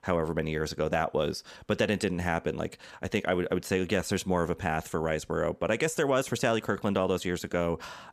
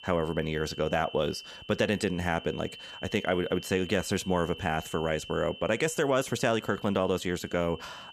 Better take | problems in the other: first | high-pitched whine; noticeable; throughout; 3 kHz, 15 dB below the speech

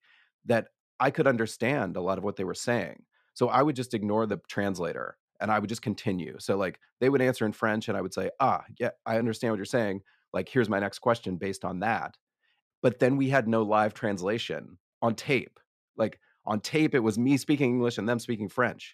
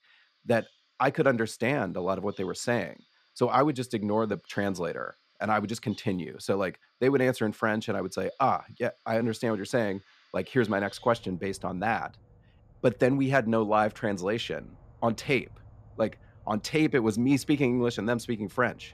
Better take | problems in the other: first | animal sounds; faint; throughout; 30 dB below the speech

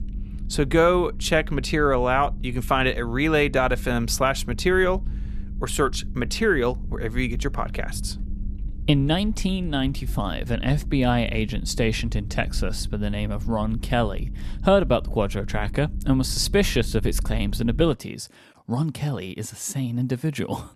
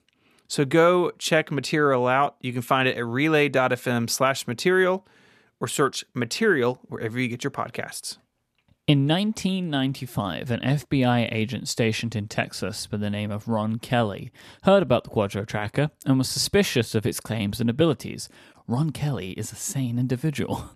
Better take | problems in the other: second | low rumble; faint; until 18 s; 25 dB below the speech

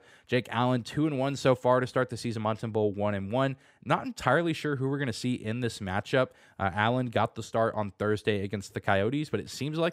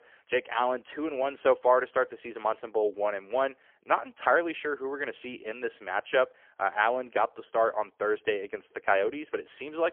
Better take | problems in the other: first | phone-call audio; poor line; nothing above 3.5 kHz

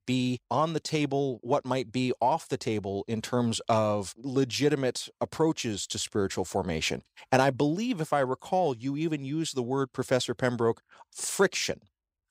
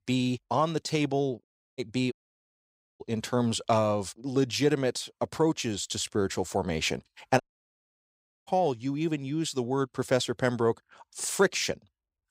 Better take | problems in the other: first | audio cutting out; at 1.5 s, at 2 s for 1 s and at 7.5 s for 1 s

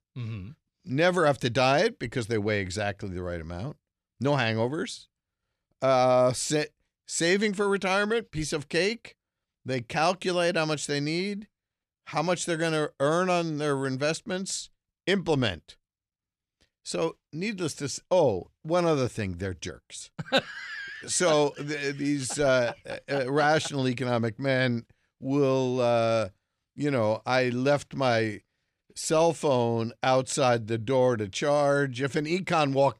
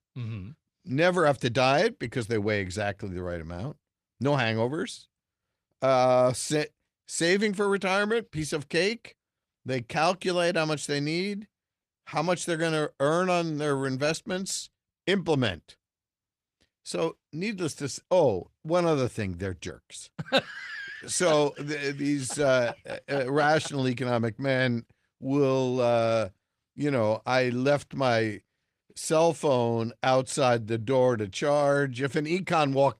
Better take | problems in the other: first | garbled, watery; slightly

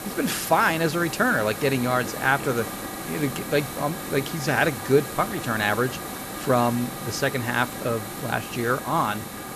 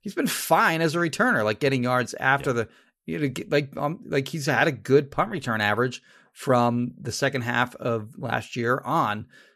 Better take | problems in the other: second | hiss; loud; throughout; 8 dB below the speech

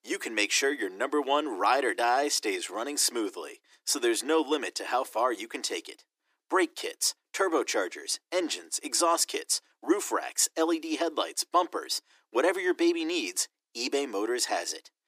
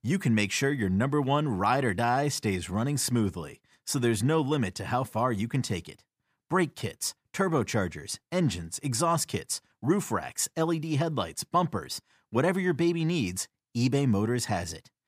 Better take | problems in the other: second | thin; very; fading below 300 Hz

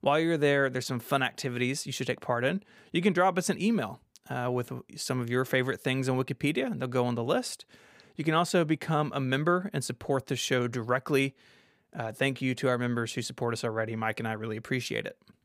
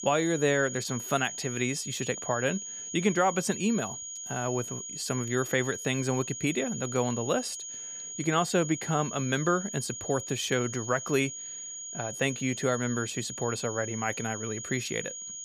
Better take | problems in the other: first | high-pitched whine; loud; throughout; 6.5 kHz, 7 dB below the speech

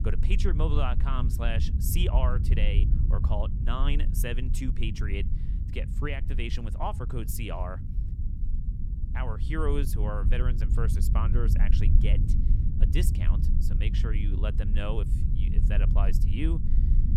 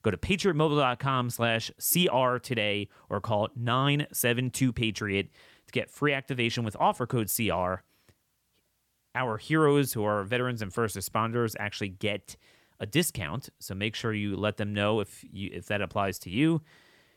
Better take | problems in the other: second | low rumble; loud; throughout; 8 dB below the speech

